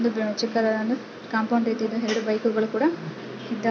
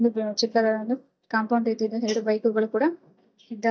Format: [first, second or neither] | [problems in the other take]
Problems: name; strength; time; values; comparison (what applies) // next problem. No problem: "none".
first | noise reduction (neural mask model DeepFilterNet 3)